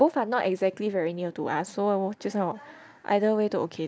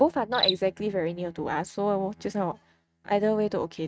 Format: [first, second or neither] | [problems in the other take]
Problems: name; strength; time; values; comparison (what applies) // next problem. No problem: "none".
first | noise reduction (neural mask model RNNoise)